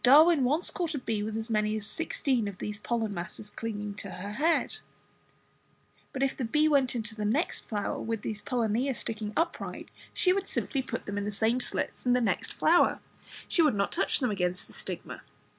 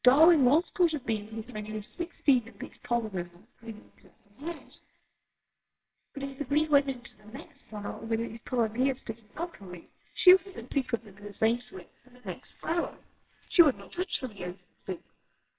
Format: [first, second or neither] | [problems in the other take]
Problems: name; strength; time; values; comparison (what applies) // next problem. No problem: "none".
first | noise reduction (neural separator model SepFormer WHAMR!)